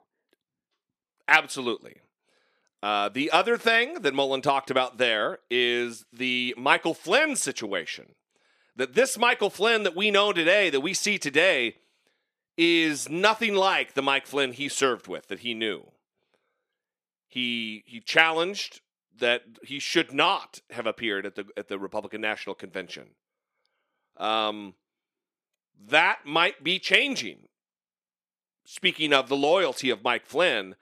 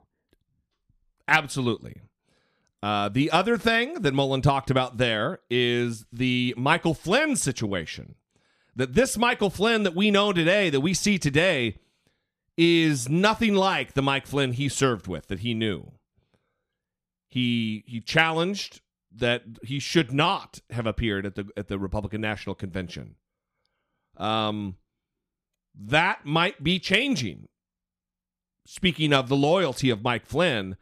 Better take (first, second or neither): second